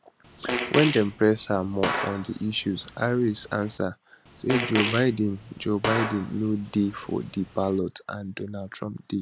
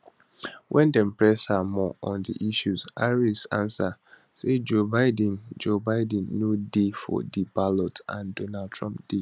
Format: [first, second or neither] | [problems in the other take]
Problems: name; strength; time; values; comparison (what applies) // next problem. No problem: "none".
second | background sound (Fart); 6 dB below the speech